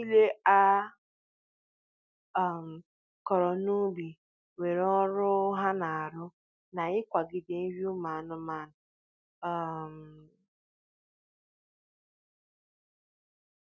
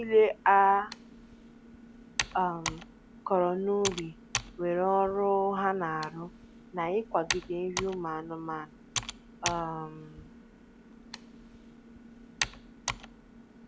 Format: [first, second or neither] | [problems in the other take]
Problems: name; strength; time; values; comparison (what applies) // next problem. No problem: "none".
first | background sound (Computer keyboard); 10 dB below the speech